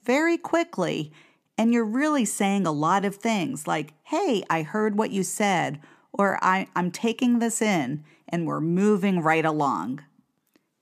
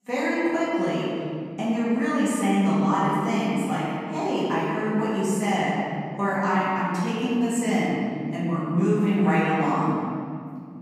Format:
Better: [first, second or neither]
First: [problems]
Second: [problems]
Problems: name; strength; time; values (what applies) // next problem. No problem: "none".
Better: first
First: none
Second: off-mic speech; far // room echo; strong; dies away in 2.7 s